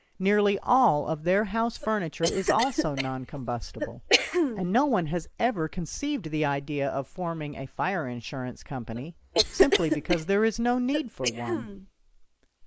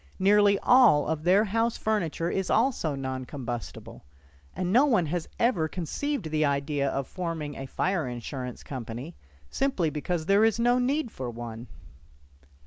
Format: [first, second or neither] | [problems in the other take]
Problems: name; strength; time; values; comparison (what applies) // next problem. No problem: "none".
second | noise reduction (neural mask model Resemble Enhance denoiser)